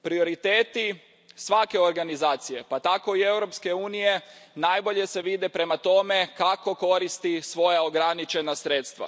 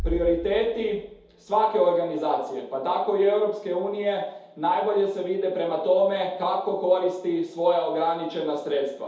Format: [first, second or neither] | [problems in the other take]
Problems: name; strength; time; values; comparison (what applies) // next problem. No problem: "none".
first | background sound (Bass drum); 18 dB below the speech // room echo; dies away in 0.8 s